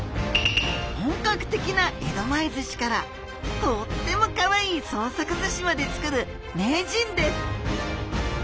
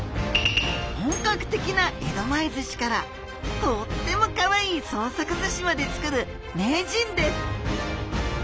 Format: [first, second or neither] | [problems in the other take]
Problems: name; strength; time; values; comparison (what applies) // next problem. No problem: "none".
first | background sound (Bell); 16 dB below the speech